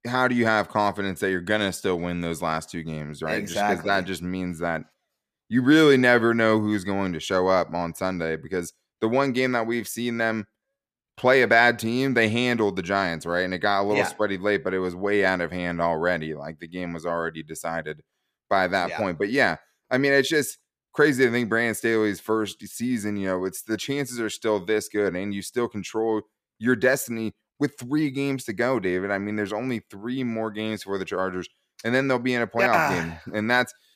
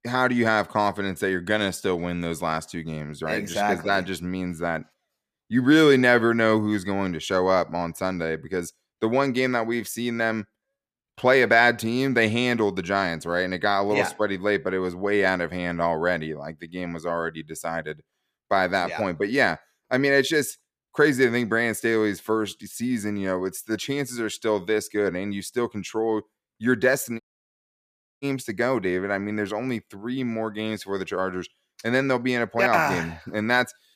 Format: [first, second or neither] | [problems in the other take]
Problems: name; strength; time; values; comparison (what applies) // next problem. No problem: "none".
first | audio cutting out; at 27 s for 1 s